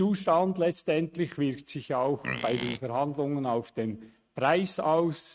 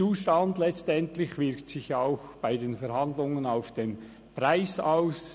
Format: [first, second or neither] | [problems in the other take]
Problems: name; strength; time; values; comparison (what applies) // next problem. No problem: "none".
second | noise reduction (neural mask model RNNoise)